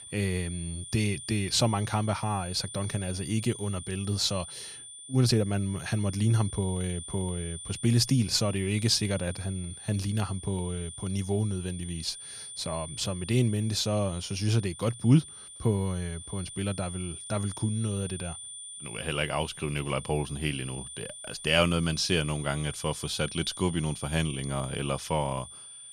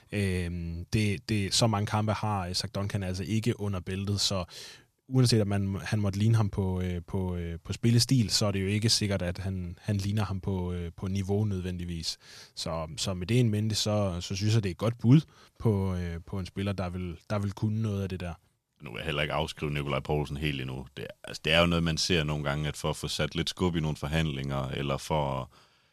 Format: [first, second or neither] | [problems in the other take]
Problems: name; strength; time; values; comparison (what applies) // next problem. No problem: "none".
second | high-pitched whine; noticeable; throughout; 9 kHz, 10 dB below the speech